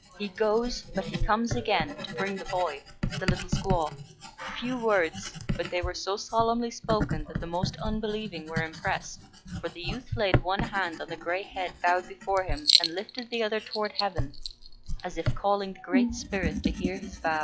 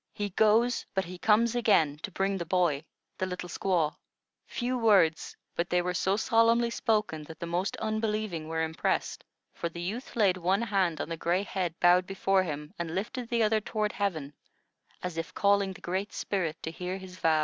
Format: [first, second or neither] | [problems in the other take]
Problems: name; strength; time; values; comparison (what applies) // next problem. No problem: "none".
second | noise reduction (classical method log-MMSE)